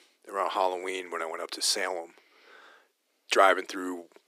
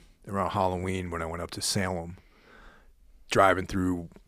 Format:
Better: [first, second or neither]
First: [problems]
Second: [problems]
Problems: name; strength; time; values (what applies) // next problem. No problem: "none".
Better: second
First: thin; somewhat; fading below 300 Hz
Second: none